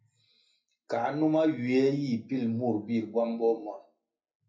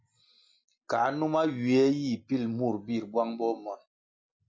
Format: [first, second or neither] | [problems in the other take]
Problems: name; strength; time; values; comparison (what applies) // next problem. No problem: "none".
second | room echo; dies away in 0.3 s